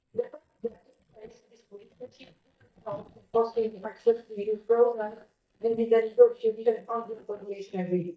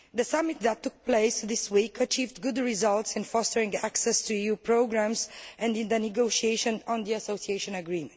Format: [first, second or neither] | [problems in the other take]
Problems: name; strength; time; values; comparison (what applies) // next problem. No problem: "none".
second | noise reduction (neural mask model DeepFilterNet 3)